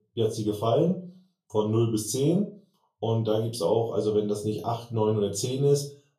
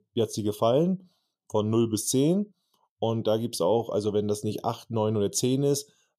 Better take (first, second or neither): second